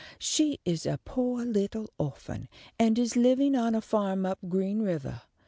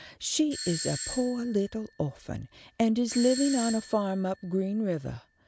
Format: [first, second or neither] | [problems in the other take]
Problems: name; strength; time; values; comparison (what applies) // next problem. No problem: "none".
first | background sound (Doorbell); 11 dB below the speech